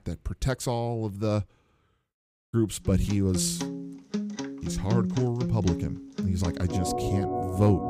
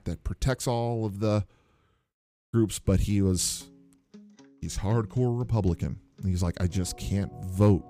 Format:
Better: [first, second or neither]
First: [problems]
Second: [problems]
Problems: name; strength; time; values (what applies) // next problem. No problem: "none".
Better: second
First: background music; loud; from 3 s on; 4 dB below the speech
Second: background music; faint; from 3 s on; 25 dB below the speech